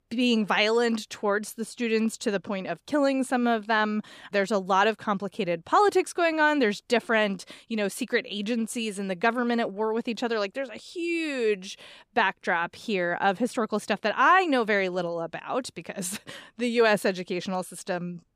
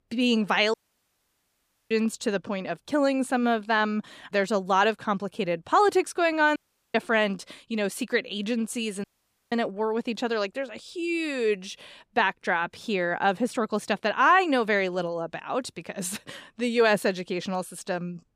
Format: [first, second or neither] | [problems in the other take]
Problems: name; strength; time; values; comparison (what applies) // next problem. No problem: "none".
first | audio cutting out; at 0.5 s for 1 s, at 6.5 s and at 9 s